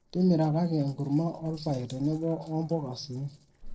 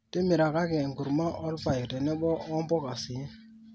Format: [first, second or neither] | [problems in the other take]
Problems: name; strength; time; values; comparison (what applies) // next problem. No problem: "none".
second | noise reduction (neural separator model SepFormer DNS4)